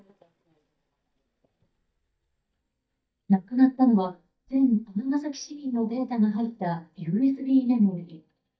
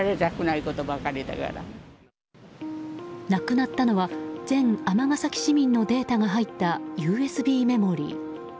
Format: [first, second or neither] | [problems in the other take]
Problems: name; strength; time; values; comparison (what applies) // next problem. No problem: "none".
second | noise reduction (neural mask model DeepFilterNet 3)